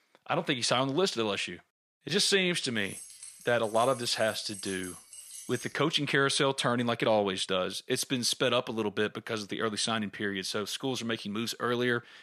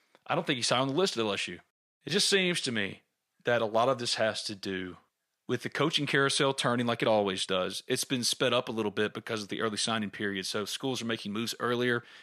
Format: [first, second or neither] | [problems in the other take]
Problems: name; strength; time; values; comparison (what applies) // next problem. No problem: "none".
second | jangling keys; faint; from 3 to 6 s; peak 10 dB below the speech